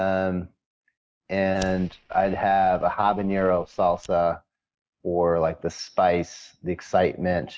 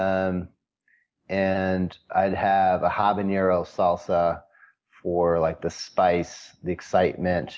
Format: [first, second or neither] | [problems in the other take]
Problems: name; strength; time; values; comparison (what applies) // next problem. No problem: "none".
second | noise reduction (neural mask model RNNoise)